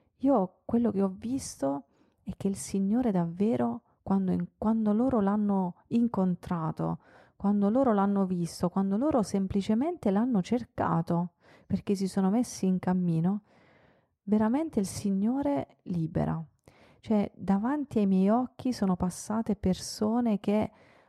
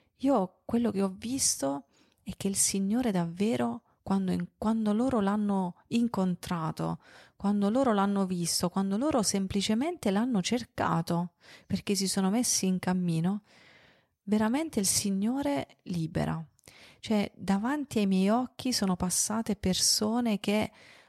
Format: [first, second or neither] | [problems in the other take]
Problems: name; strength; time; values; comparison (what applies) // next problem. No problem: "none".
second | muffled; slightly; fading above 2 kHz